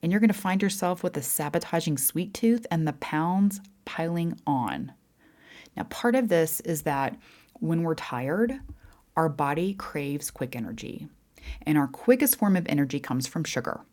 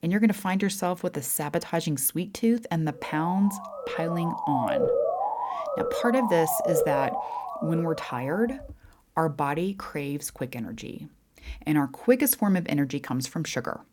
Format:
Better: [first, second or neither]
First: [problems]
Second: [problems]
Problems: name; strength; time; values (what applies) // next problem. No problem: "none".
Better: first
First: none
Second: siren; loud; from 3 to 8.5 s; peak 3 dB above the speech